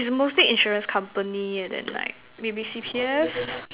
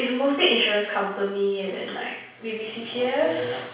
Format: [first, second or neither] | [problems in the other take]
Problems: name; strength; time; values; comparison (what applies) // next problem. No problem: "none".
first | room echo; dies away in 0.7 s